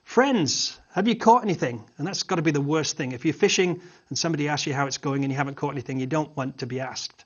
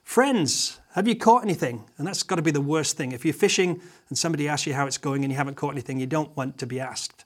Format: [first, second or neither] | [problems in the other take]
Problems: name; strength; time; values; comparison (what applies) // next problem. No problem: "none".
second | garbled, watery; slightly; nothing above 6.5 kHz